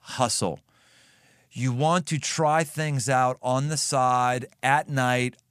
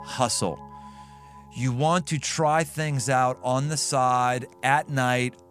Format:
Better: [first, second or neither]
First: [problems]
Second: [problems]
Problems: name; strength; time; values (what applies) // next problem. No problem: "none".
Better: first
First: none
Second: background music; faint; throughout; 25 dB below the speech